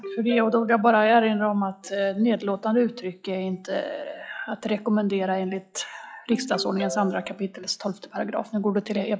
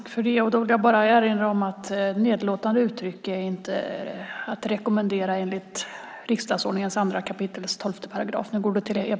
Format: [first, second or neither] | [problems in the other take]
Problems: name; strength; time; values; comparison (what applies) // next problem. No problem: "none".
second | noise reduction (classical method log-MMSE)